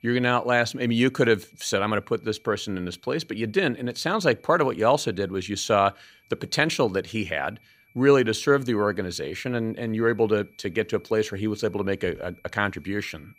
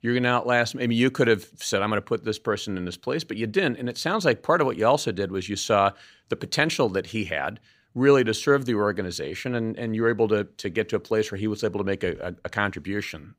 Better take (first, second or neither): second